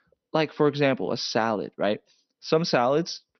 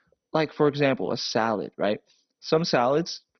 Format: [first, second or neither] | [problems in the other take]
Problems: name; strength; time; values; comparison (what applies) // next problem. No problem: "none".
first | garbled, watery; badly; nothing above 6 kHz; slightly in the first